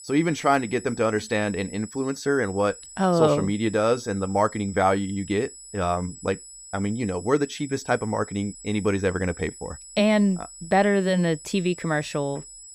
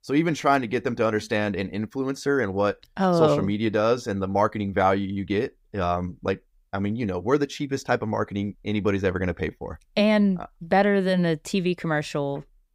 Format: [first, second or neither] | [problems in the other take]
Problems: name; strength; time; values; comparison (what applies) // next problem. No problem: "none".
second | high-pitched whine; noticeable; throughout; 8 kHz, 15 dB below the speech